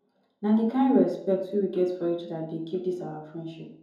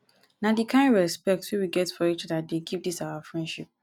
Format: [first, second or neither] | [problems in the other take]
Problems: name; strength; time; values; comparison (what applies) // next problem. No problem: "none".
second | room echo; dies away in 2.6 s